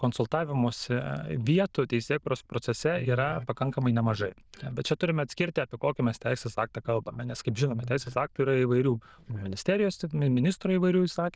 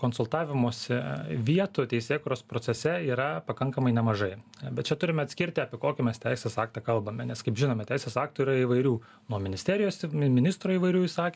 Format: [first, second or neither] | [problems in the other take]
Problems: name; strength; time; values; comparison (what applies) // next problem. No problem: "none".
second | noise reduction (neural diffusion model UNIVERSE++)